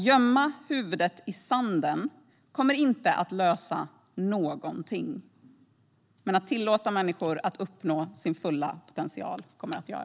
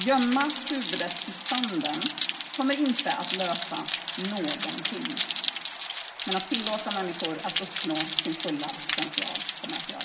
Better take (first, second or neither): first